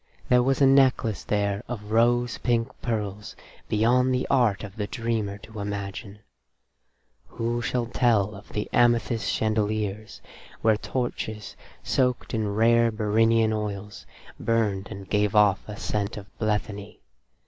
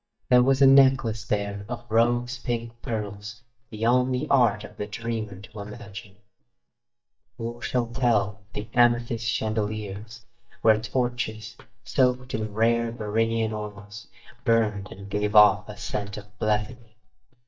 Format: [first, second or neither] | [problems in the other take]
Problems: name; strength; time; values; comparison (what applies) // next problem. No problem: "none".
first | noise reduction (neural mask model DeepFilterNet 3)